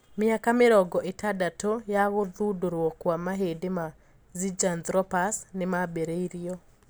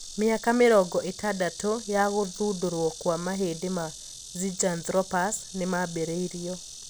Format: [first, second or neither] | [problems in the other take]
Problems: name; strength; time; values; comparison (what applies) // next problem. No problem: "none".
first | background sound (Insect); 15 dB below the speech